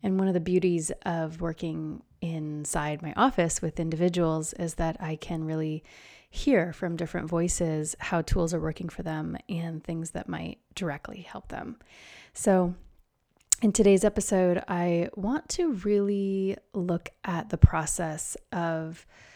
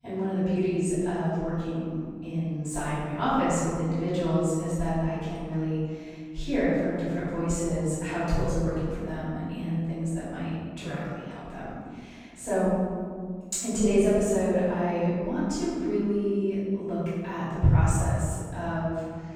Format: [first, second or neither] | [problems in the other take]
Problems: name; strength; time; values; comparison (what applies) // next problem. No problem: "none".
first | off-mic speech; far // room echo; strong; dies away in 1.9 s